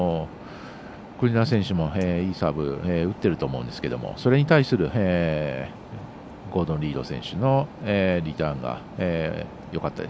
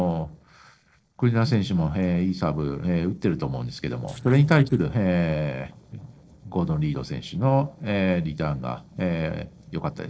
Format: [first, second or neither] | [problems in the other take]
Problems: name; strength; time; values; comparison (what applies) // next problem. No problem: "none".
first | noise reduction (neural separator model SepFormer DNS4)